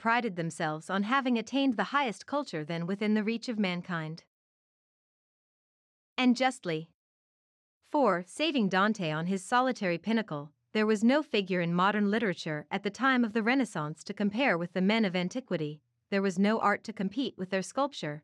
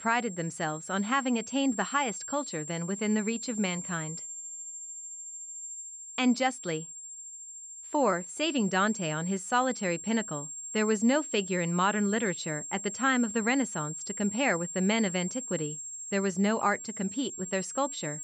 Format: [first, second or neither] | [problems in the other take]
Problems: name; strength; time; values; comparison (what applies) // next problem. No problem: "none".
first | high-pitched whine; loud; throughout; 7.5 kHz, 8 dB below the speech